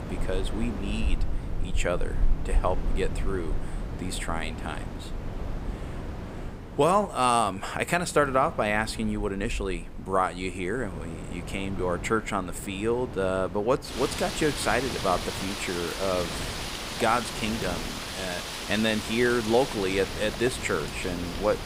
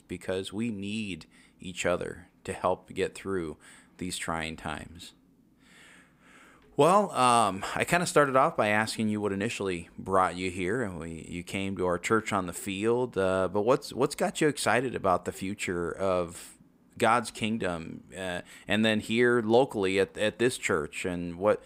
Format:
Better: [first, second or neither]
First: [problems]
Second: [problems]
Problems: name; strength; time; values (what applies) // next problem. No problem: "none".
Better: second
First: wind in the background; loud; throughout; 7 dB below the speech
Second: none